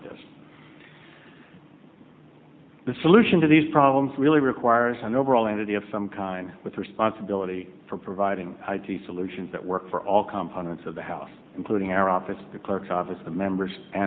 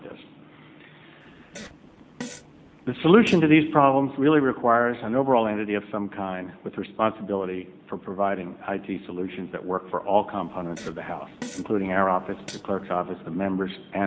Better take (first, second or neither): first